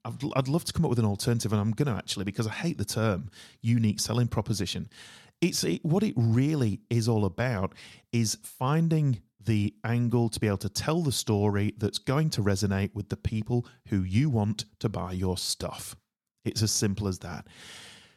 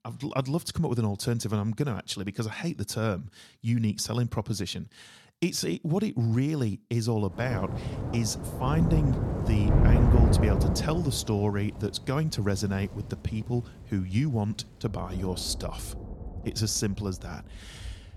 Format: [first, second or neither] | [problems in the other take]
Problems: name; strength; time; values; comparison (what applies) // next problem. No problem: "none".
first | rain or running water; very loud; from 7.5 s on; 2 dB above the speech